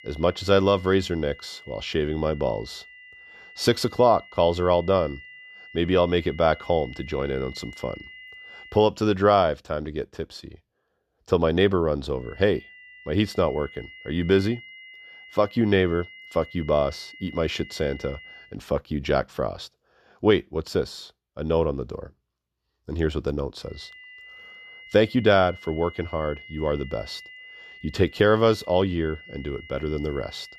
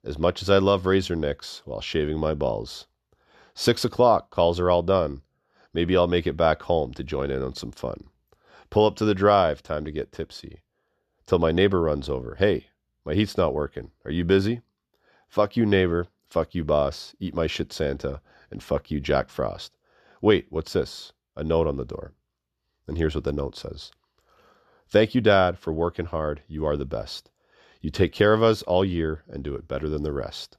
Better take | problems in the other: second | high-pitched whine; noticeable; until 9 s, from 12 to 18 s and from 24 s on; 2 kHz, 20 dB below the speech

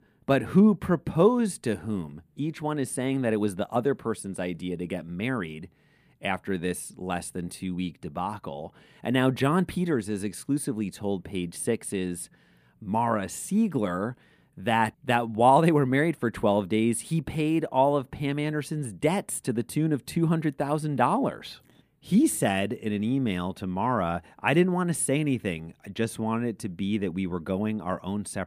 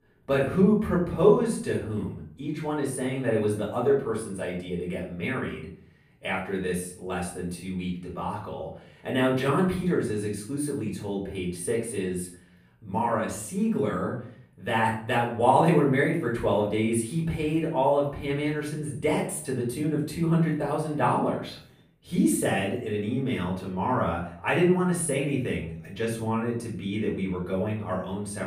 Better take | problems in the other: first | room echo; slight; dies away in 0.5 s // off-mic speech; far

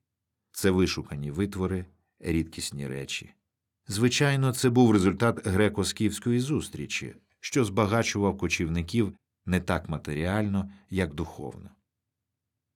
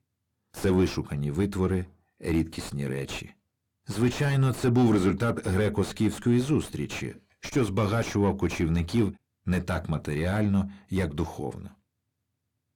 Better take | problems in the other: first | distortion; heavy; 7 dB below the speech

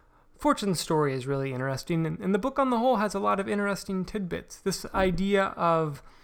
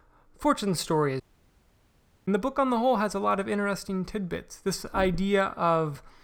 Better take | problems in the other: first | audio cutting out; at 1 s for 1 s

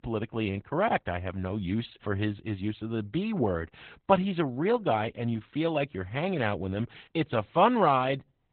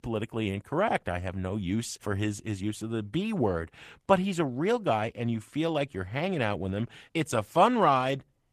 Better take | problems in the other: second | garbled, watery; badly; nothing above 4 kHz; slightly in the second

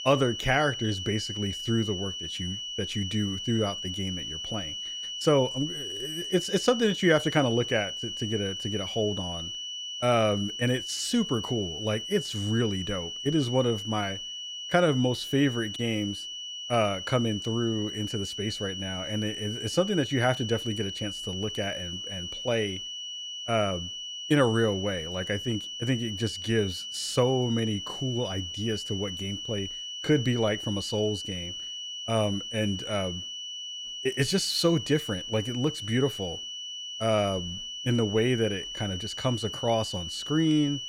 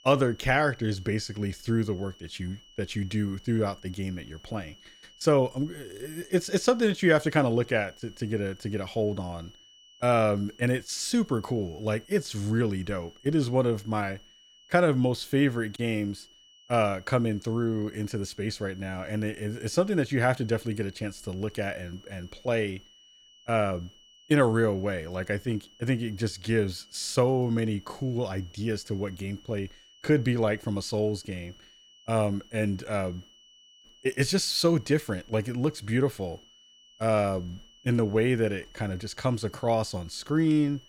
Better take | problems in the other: second | high-pitched whine; loud; throughout; 3 kHz, 6 dB below the speech; faint in the second

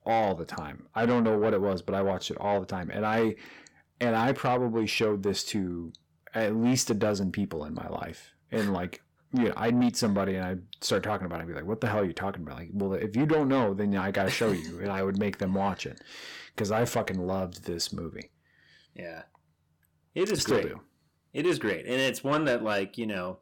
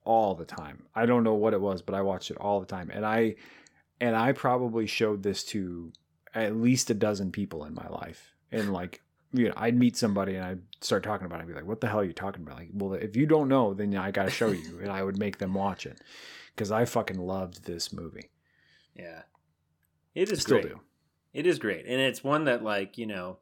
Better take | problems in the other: second | distortion; slight; 10 dB below the speech

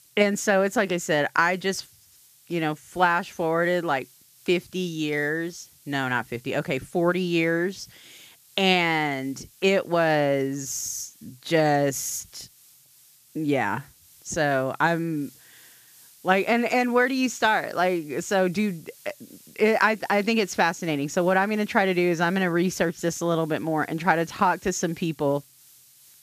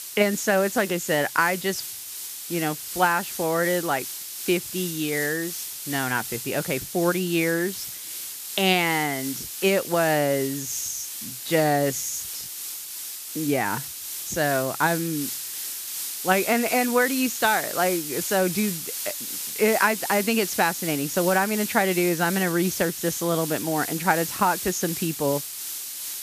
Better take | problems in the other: first | hiss; loud; throughout; 6 dB below the speech; faint in the first

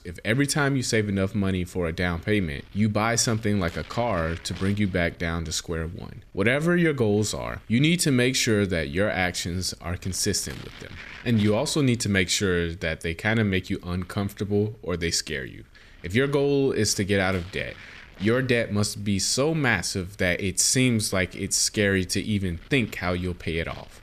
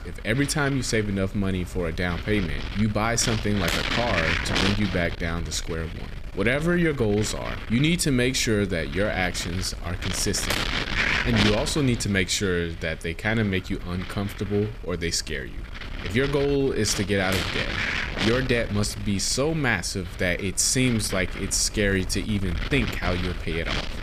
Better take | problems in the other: first | wind noise on the microphone; heavy; 3 dB below the speech; occasional gusts in the first

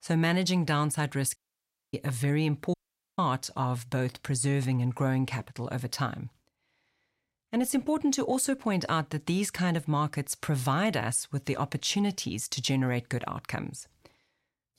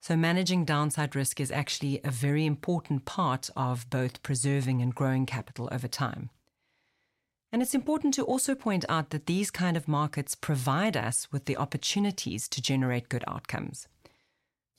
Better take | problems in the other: second | audio cutting out; at 1.5 s for 0.5 s and at 2.5 s

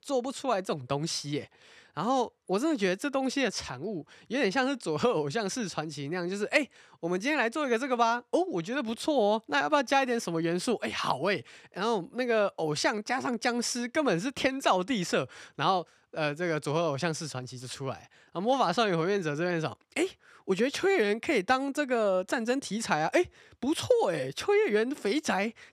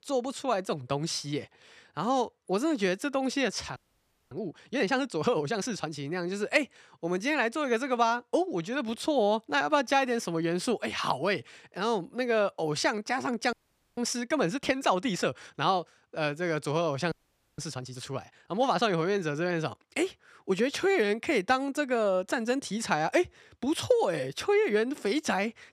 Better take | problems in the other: first | audio freezing; at 4 s for 0.5 s, at 14 s and at 17 s

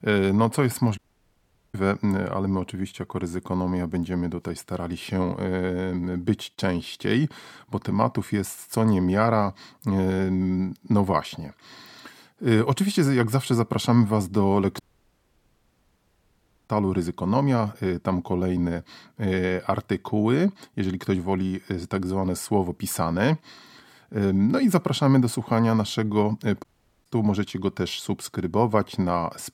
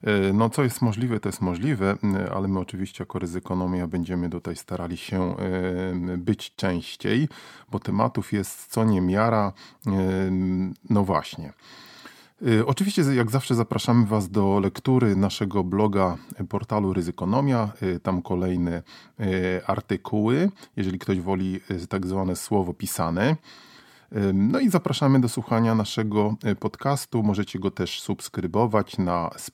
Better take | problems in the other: second | audio cutting out; at 1 s for 1 s, at 15 s for 2 s and at 27 s

